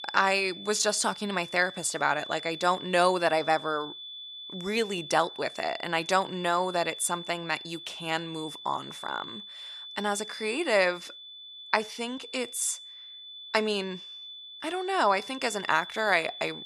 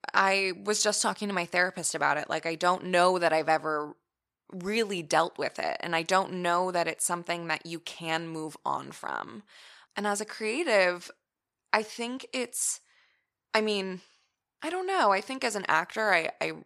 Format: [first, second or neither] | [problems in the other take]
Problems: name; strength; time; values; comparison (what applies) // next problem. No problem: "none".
second | high-pitched whine; noticeable; throughout; 3.5 kHz, 15 dB below the speech